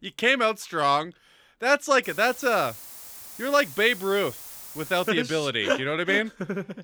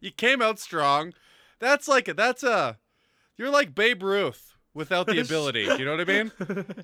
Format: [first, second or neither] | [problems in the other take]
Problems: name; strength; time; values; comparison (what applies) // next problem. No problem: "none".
second | hiss; noticeable; from 2 to 5 s; 15 dB below the speech